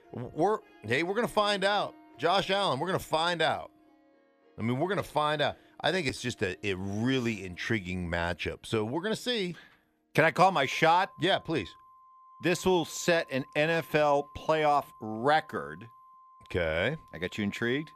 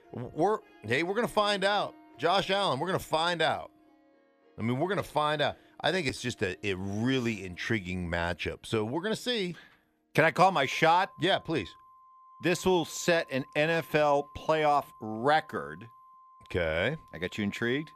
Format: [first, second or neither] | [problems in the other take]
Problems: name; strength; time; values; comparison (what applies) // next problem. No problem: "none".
neither | background music; faint; throughout; 25 dB below the speech; the same in both